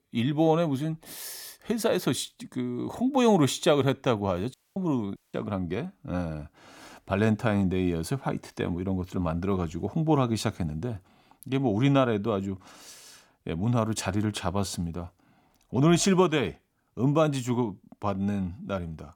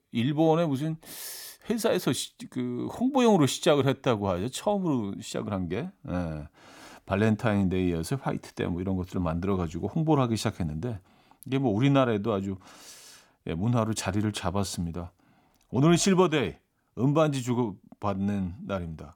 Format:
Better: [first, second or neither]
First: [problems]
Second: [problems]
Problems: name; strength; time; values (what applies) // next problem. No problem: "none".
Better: second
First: audio cutting out; at 4.5 s and at 5 s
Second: none